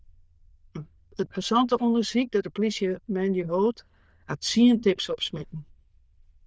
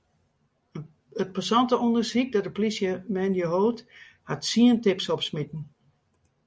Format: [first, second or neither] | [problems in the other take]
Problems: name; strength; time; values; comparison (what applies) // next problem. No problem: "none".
second | noise reduction (neural diffusion model UNIVERSE++)